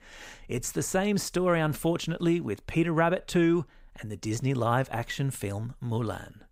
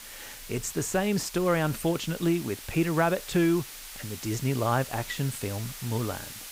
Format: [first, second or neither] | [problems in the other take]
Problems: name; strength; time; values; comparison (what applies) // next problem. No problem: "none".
first | hiss; noticeable; throughout; 10 dB below the speech